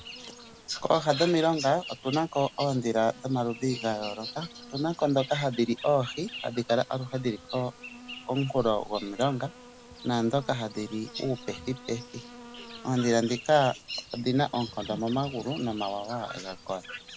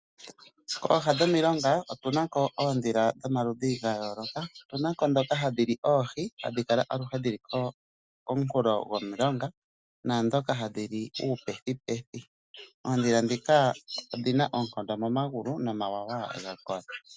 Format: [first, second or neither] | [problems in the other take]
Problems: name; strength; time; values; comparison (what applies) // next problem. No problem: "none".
second | background sound (Insect); 17 dB below the speech